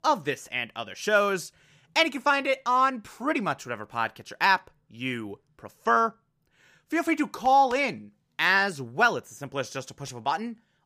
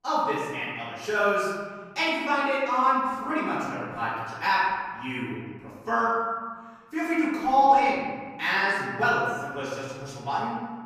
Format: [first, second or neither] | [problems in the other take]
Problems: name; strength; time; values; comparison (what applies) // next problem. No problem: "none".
first | room echo; strong; dies away in 1.5 s // off-mic speech; far